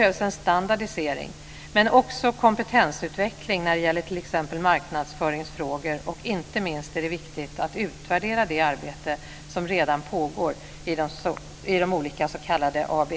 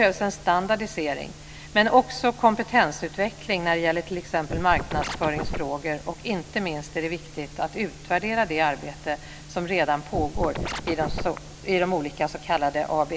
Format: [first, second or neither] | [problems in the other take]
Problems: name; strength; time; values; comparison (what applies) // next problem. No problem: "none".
first | background sound (Scratching (performance technique)); 4 dB below the speech